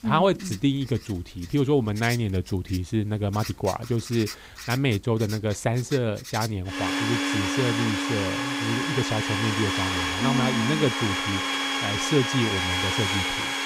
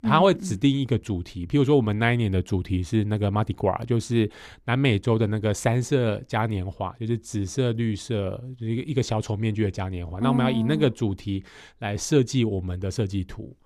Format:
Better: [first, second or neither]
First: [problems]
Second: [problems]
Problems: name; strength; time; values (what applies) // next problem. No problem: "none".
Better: second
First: household noises; very loud; throughout; as loud as the speech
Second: none